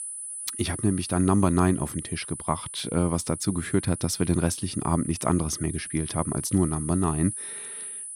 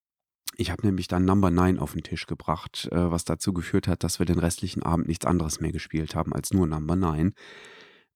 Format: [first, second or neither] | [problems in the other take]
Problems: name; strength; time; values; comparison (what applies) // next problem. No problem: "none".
second | high-pitched whine; loud; throughout; 10 kHz, 8 dB below the speech